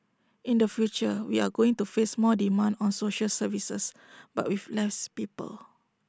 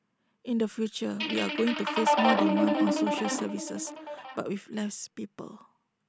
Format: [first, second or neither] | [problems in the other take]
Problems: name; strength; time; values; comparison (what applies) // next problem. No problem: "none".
first | background sound (Guitar); 4 dB above the speech